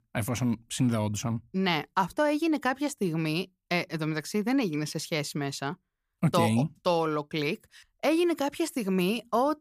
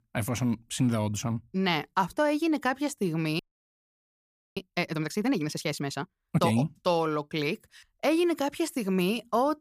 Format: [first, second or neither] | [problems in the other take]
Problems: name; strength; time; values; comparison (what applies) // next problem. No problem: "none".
first | audio freezing; at 3.5 s for 1 s